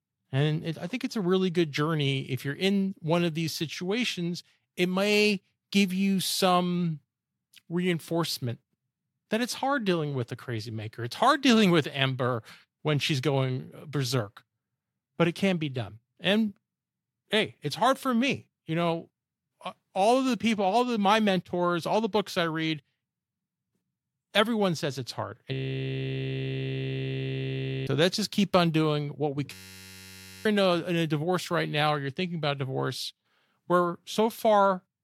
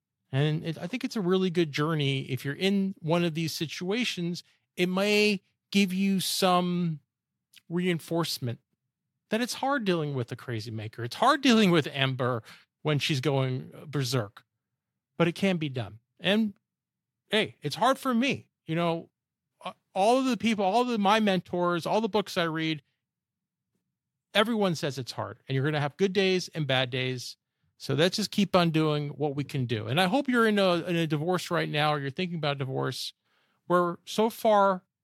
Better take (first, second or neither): second